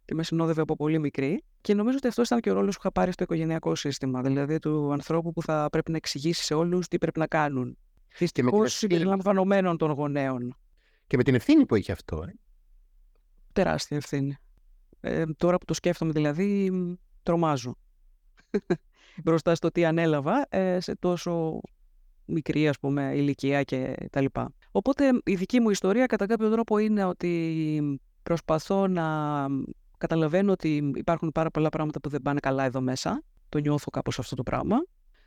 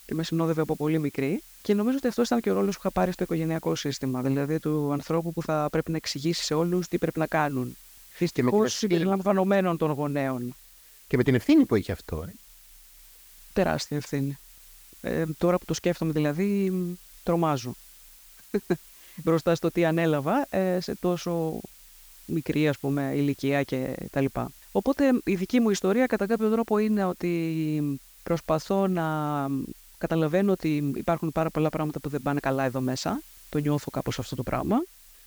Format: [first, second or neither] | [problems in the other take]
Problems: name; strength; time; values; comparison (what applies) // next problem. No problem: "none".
first | hiss; faint; throughout; 20 dB below the speech